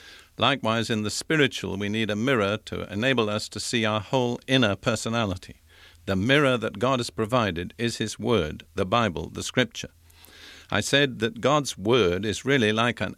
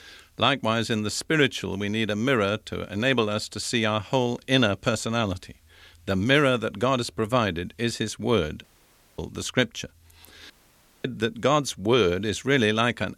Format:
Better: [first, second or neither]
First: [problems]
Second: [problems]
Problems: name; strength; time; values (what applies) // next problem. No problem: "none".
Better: first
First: none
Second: audio cutting out; at 8.5 s for 0.5 s and at 11 s for 0.5 s